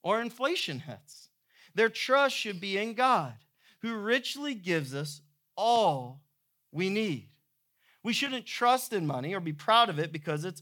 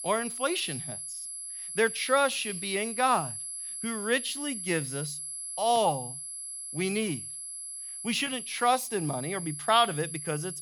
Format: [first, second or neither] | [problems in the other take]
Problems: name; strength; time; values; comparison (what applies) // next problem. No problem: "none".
first | high-pitched whine; loud; throughout; 11 kHz, 6 dB below the speech